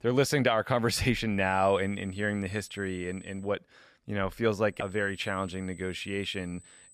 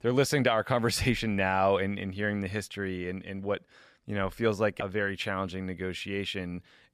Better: second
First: high-pitched whine; faint; from 1.5 to 3.5 s and from 5 s on; 8 kHz, 25 dB below the speech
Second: none

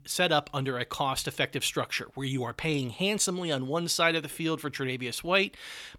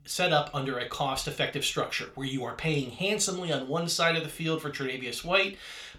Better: first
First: none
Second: room echo; very slight; dies away in 0.3 s

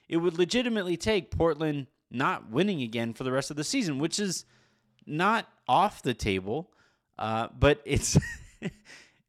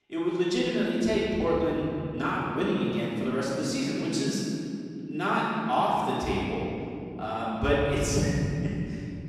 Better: first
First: none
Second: off-mic speech; far // room echo; strong; dies away in 3 s

